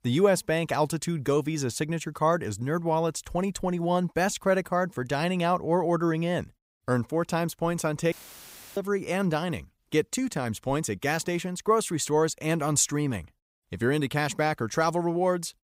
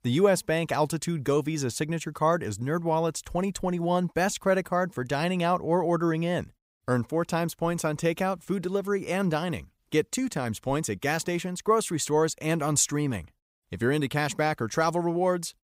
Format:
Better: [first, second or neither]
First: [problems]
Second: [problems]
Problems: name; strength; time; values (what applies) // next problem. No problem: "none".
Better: second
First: audio cutting out; filled with static; at 8 s for 0.5 s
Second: none